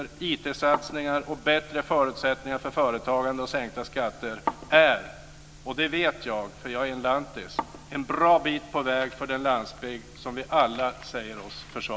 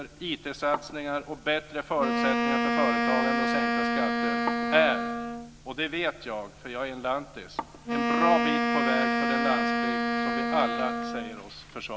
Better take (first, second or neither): first